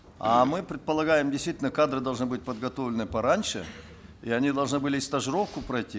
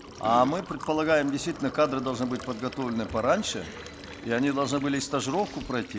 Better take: first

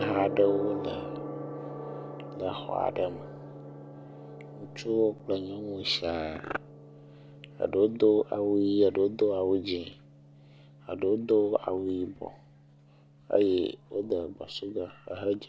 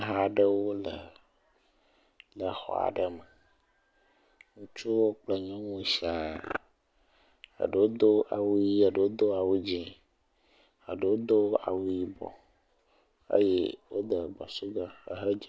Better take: second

